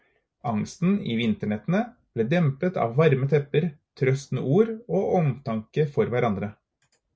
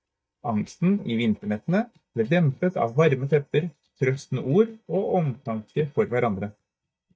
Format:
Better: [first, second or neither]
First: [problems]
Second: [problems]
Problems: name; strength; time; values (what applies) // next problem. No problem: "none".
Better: first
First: none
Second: noise reduction (neural mask model DeepFilterNet 3)